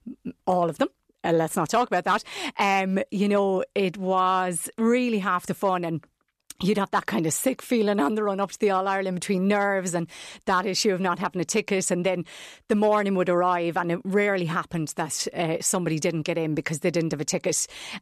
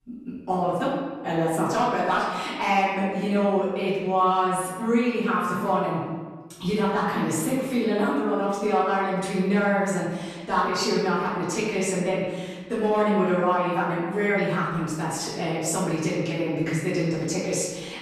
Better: first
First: none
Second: room echo; noticeable; dies away in 1.3 s // off-mic speech; far

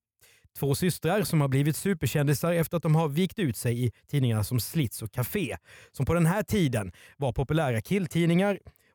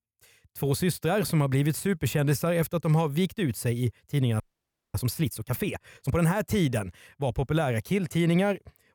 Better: first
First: none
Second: audio freezing; at 4.5 s for 0.5 s

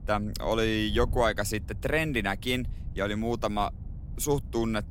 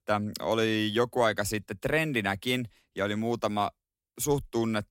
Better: second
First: wind noise on the microphone; occasional gusts; 25 dB below the speech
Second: none

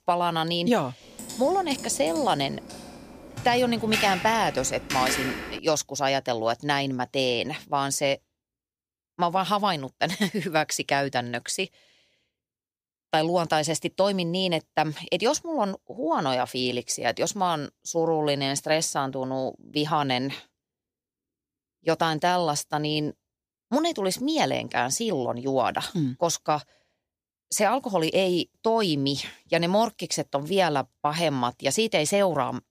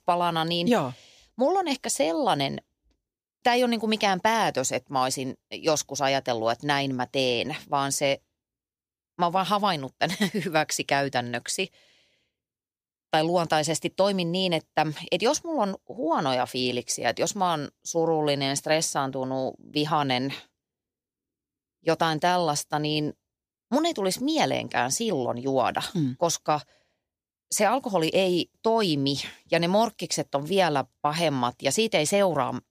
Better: second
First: keyboard typing; noticeable; from 1 to 5.5 s; peak 1 dB below the speech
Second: none

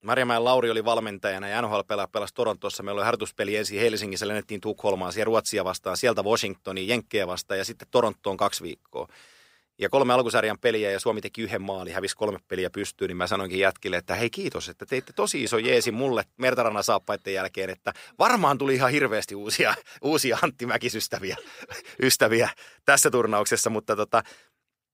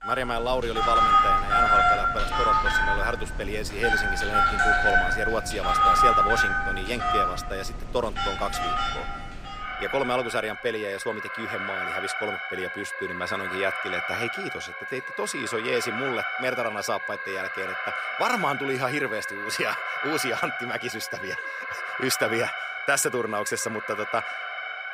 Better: first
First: none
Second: alarms or sirens; very loud; throughout; 4 dB above the speech

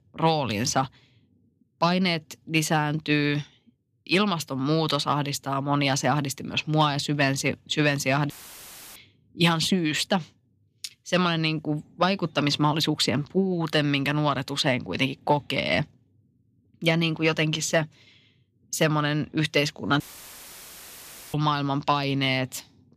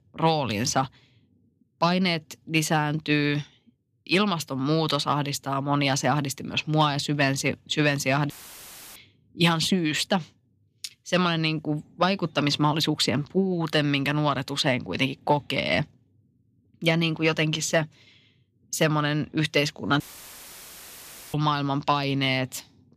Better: neither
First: audio cutting out; filled with static; at 8.5 s for 0.5 s and at 20 s for 1.5 s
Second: audio cutting out; filled with static; at 8.5 s for 0.5 s and at 20 s for 1.5 s

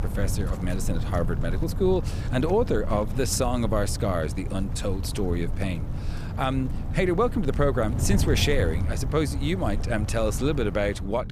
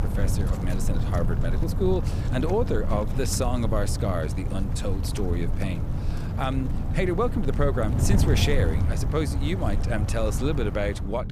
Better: first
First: wind noise on the microphone; occasional gusts; 15 dB below the speech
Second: wind noise on the microphone; heavy; 8 dB below the speech

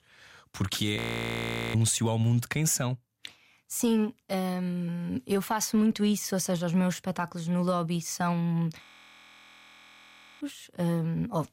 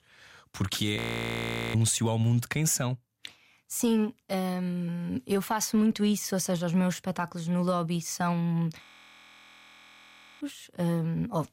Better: neither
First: audio freezing; at 1 s for 1 s and at 9 s for 1.5 s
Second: audio freezing; at 1 s for 1 s and at 9 s for 1.5 s

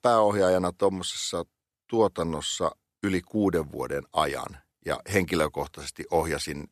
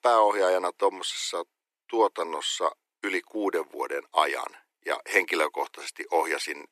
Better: first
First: none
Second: thin; very; fading below 350 Hz

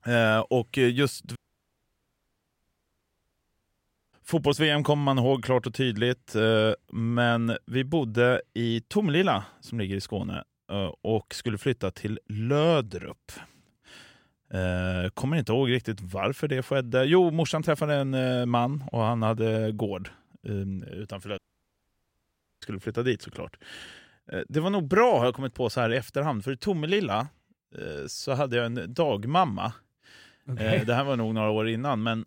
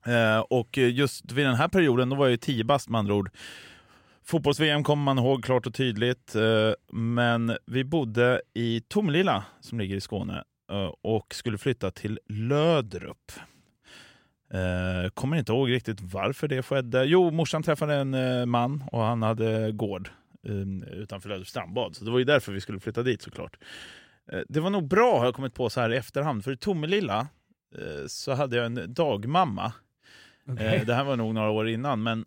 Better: second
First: audio cutting out; at 1.5 s for 3 s and at 21 s for 1 s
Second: none

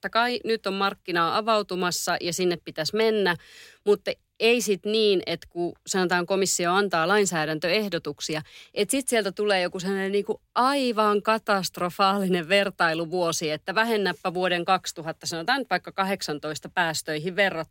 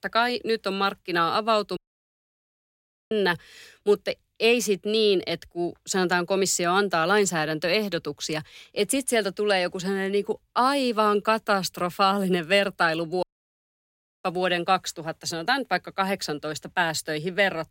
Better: first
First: none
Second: audio cutting out; at 2 s for 1.5 s and at 13 s for 1 s

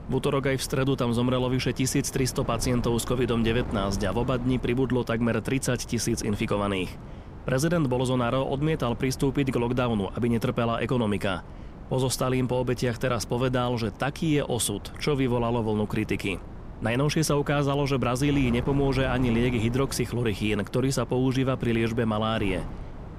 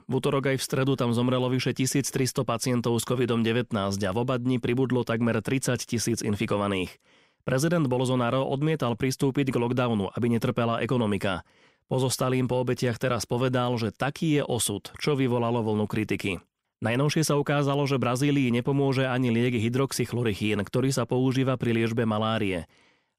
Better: second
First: wind noise on the microphone; occasional gusts; 15 dB below the speech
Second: none

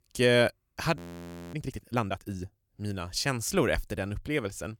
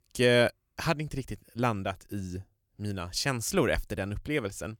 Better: second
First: audio freezing; at 1 s for 0.5 s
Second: none

